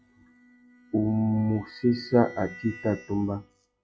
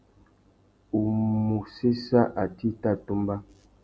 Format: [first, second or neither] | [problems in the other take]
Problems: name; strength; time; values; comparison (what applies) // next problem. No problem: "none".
second | noise reduction (classical method log-MMSE)